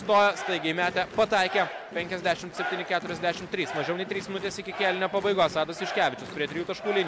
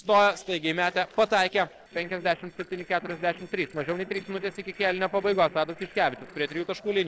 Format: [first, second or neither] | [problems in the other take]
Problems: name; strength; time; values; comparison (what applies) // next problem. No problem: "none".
first | noise reduction (neural separator model SepFormer DNS4)